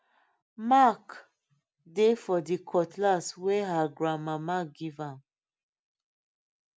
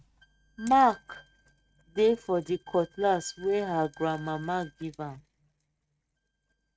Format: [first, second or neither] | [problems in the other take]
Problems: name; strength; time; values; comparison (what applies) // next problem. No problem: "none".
first | noise reduction (neural mask model RNNoise)